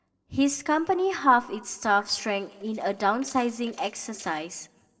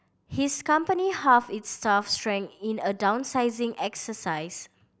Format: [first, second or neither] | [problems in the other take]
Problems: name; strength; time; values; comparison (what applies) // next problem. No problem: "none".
second | noise reduction (neural separator model SepFormer DNS4)